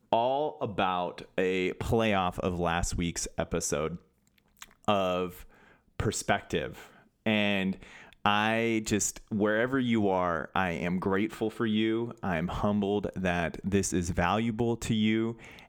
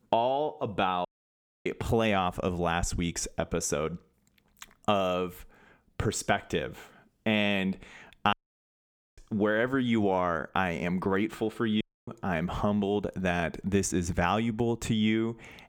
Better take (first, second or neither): first